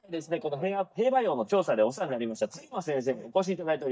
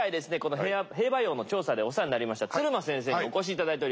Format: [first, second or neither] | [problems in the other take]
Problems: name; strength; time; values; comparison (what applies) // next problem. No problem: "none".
second | noise reduction (neural mask model DeepFilterNet 3)